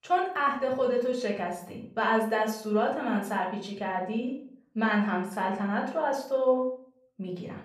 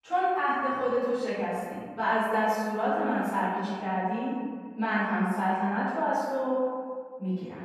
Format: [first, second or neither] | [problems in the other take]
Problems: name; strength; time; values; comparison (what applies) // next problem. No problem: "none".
first | room echo; strong; dies away in 1.6 s; slight in the first // off-mic speech; far; far in the first